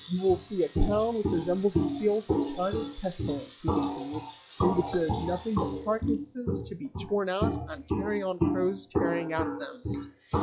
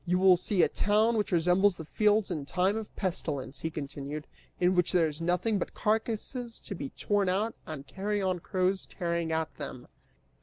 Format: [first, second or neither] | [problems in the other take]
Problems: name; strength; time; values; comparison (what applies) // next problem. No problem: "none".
second | noise reduction (classical method log-MMSE)